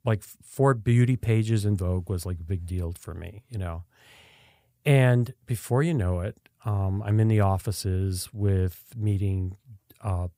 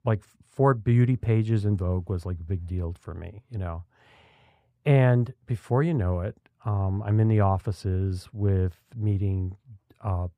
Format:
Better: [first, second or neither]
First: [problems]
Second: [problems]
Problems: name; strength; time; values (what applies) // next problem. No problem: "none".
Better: first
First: none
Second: muffled; slightly; fading above 1.5 kHz